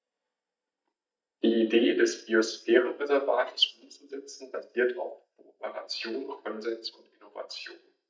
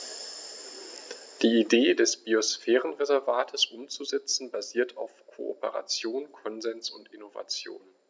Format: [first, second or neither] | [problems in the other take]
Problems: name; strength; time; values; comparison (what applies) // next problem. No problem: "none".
second | noise reduction (neural mask model DeepFilterNet 3)